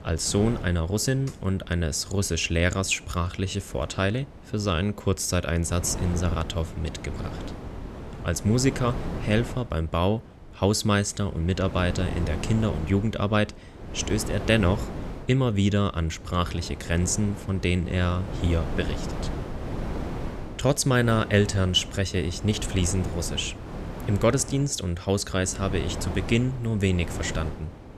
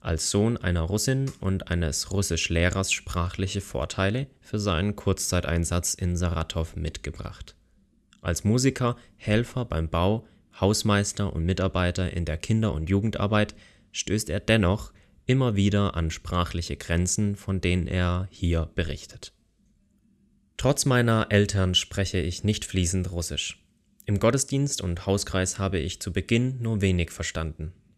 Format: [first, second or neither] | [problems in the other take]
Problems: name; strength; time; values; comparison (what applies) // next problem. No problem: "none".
second | wind noise on the microphone; occasional gusts; 10 dB below the speech